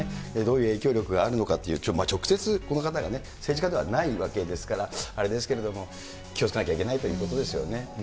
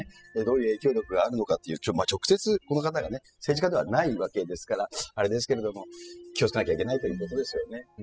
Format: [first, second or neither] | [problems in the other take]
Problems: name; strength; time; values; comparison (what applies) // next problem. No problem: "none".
first | noise reduction (classical method spectral subtraction)